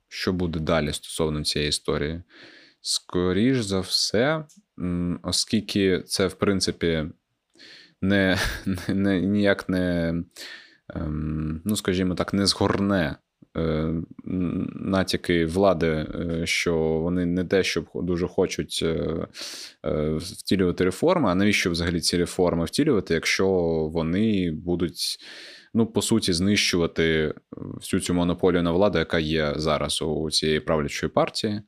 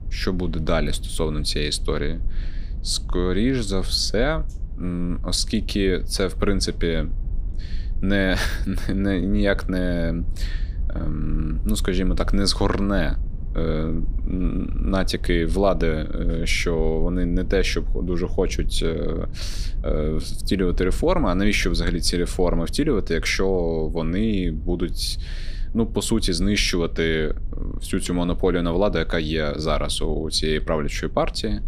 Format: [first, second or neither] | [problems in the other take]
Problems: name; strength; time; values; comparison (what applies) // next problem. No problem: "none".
first | low rumble; faint; throughout; 25 dB below the speech